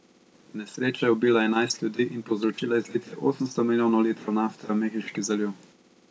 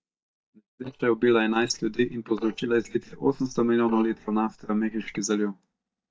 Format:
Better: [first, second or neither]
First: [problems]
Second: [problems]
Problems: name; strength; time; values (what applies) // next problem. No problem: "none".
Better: first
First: none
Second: noise reduction (neural mask model DeepFilterNet 3)